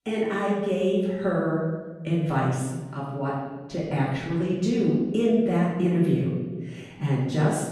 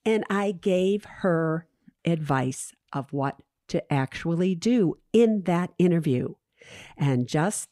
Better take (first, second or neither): second